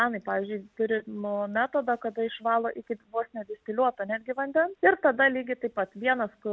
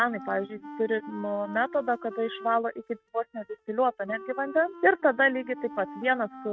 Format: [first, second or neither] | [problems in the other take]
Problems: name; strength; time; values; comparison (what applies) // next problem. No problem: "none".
first | noise reduction (neural mask model RNNoise)